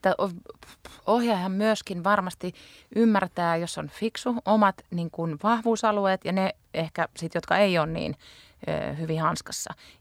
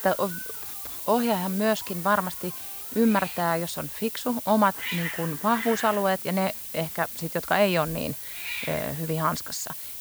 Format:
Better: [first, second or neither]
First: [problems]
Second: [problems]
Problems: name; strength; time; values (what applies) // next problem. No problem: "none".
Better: first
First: none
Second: hiss; loud; throughout; 6 dB below the speech